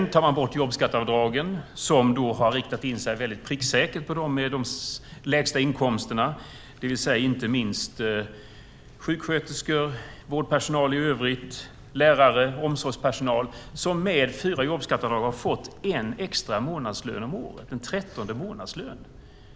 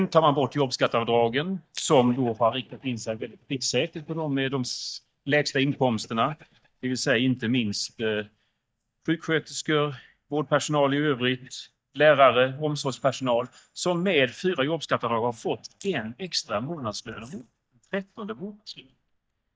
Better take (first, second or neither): first